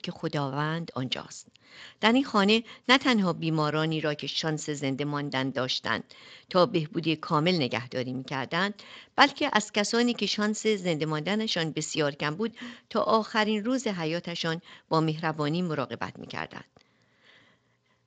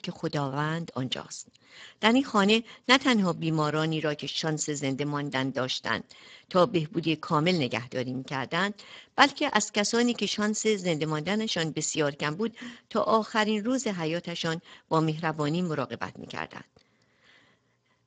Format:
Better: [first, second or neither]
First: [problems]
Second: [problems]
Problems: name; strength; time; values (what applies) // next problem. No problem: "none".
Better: first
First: garbled, watery; slightly; nothing above 7.5 kHz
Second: garbled, watery; badly; nothing above 7.5 kHz